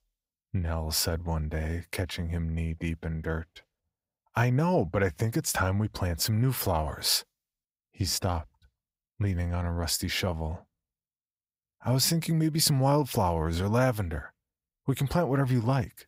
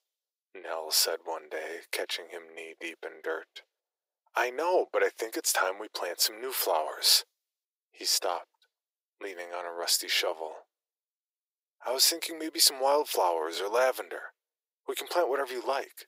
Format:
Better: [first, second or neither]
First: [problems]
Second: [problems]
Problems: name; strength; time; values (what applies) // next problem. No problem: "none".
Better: first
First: none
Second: thin; very; fading below 350 Hz